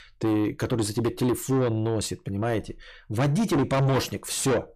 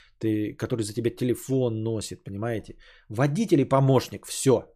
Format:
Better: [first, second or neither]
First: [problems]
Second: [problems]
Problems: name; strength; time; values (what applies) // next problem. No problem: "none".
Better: second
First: distortion; heavy; 6 dB below the speech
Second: none